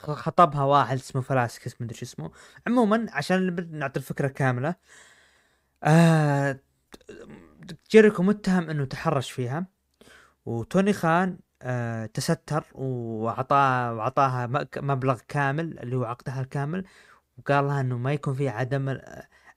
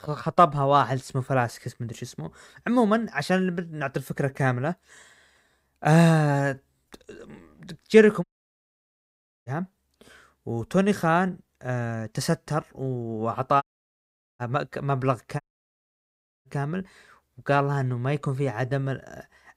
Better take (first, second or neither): first